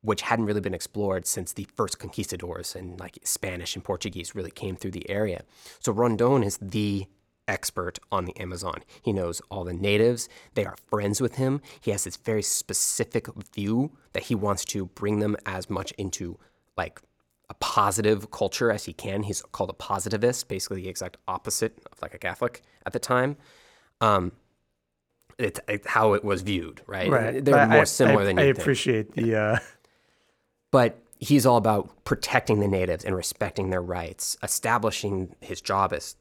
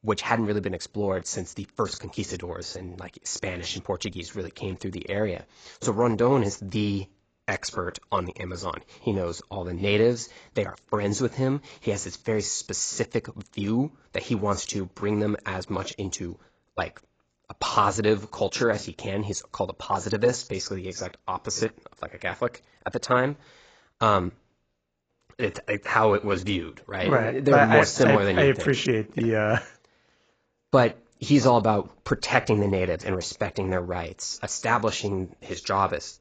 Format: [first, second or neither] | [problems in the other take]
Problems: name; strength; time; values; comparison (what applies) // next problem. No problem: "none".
first | garbled, watery; badly; nothing above 7.5 kHz